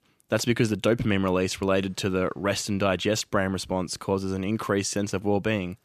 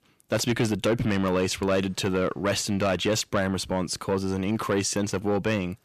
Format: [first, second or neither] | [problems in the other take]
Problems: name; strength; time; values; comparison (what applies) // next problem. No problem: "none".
first | distortion; slight; 10 dB below the speech